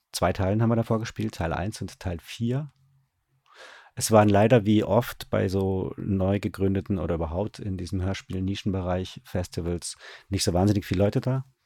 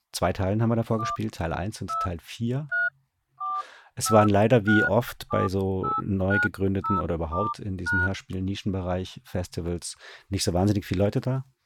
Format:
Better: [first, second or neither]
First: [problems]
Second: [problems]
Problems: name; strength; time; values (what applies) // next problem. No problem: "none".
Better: first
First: none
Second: phone ringing; loud; from 1 to 8 s; peak 2 dB above the speech